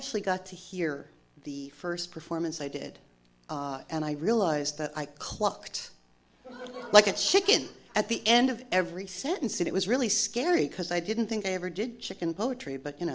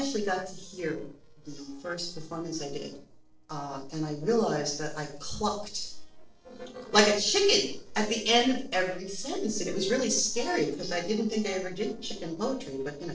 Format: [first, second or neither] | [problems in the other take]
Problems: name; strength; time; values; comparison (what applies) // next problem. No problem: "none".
first | noise reduction (neural separator model SepFormer DNS4)